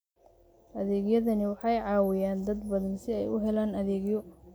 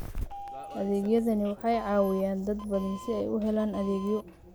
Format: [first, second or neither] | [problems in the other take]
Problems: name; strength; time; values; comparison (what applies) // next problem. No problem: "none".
first | background sound (Doorbell); 13 dB below the speech